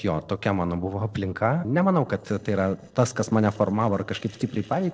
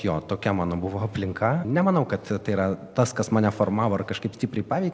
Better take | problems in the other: second | noise reduction (neural separator model SepFormer DNS4)

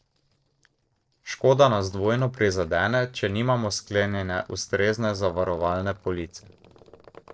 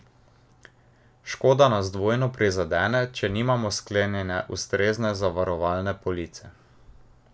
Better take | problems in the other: second | noise reduction (neural separator model SepFormer DNS4)

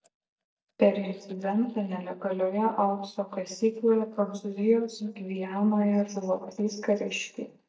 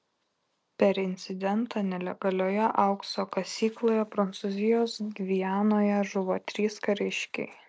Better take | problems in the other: second | noise reduction (neural mask model DeepFilterNet 3)

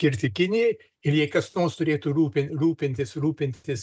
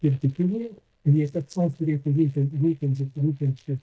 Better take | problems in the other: first | noise reduction (neural mask model DeepFilterNet 3)

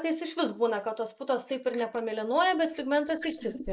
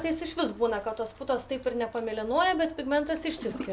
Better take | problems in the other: second | noise reduction (neural mask model Resemble Enhance denoiser)

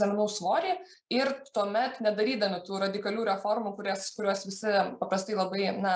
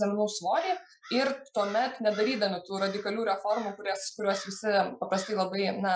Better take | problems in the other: first | noise reduction (classical method Wiener filter)

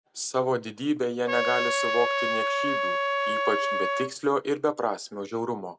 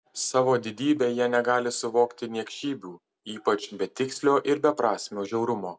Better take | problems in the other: second | background sound (Trumpet); 1 dB above the speech

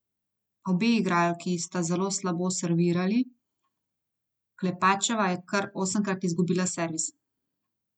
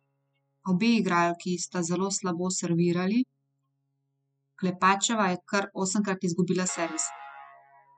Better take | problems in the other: first | noise reduction (classical method spectral subtraction)

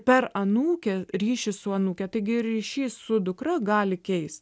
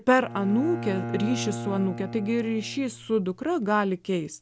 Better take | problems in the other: first | background sound (Bowed string instrument); 10 dB below the speech

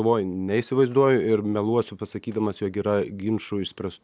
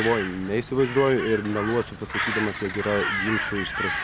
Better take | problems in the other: first | background sound (Crow); 4 dB below the speech

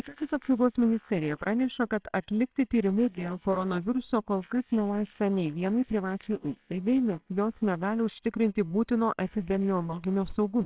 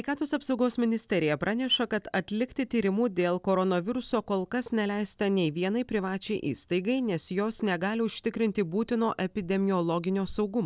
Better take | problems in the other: second | noise reduction (neural separator model SepFormer WHAMR!)

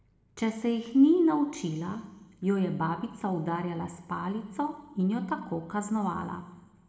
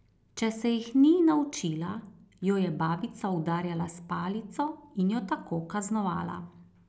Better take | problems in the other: second | room echo; dies away in 1.2 s

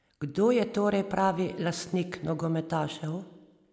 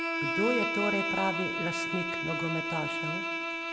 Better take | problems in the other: first | background sound (Bowed string instrument); 2 dB above the speech

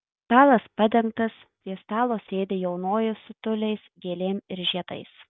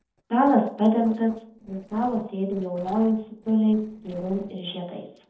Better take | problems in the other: first | noise reduction (neural separator model SepFormer DNS4)

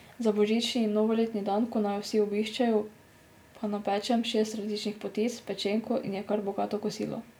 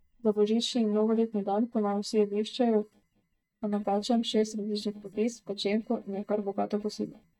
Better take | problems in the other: first | noise reduction (neural mask model DeepFilterNet 3)

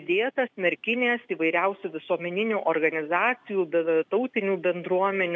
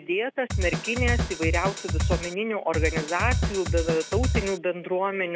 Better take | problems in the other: first | background sound (Drum kit); 1 dB above the speech

